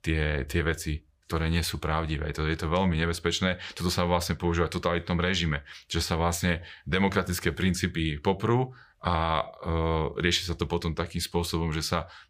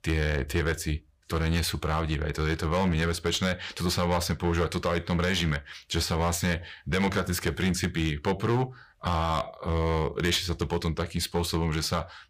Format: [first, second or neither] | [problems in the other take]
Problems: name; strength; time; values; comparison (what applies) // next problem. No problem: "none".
first | distortion; slight; 10% of the sound clipped